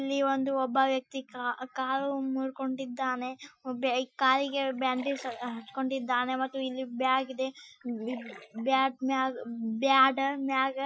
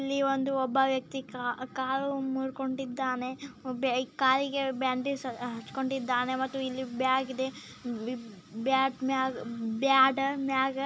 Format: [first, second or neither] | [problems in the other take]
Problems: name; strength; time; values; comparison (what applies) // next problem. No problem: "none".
second | noise reduction (classical method Wiener filter)